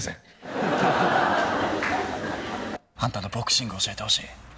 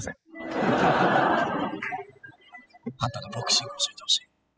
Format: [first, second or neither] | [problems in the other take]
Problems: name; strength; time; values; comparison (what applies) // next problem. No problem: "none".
first | noise reduction (classical method spectral subtraction)